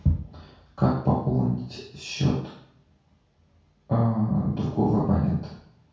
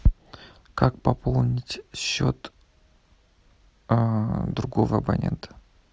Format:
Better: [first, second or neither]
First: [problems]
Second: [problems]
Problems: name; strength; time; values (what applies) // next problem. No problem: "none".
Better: second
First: room echo; dies away in 0.6 s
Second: none